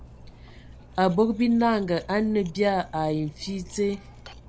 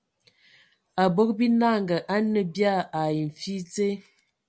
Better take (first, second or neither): second